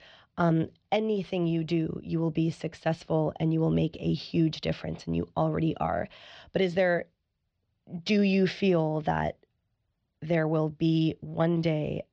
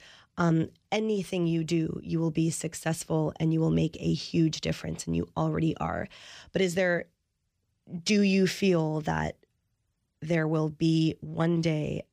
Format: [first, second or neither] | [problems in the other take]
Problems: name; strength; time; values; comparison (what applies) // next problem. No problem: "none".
second | muffled; slightly; fading above 4 kHz